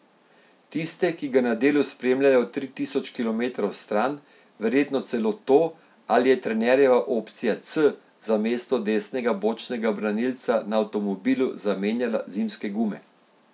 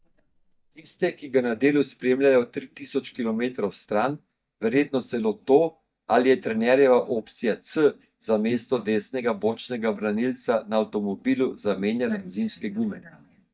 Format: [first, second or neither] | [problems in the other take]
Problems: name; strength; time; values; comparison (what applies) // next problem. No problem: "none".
first | noise reduction (neural mask model DeepFilterNet 3)